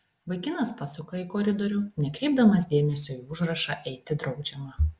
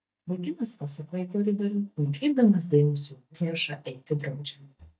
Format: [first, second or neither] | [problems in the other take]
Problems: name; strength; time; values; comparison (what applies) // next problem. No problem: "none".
first | noise reduction (neural mask model DeepFilterNet 3)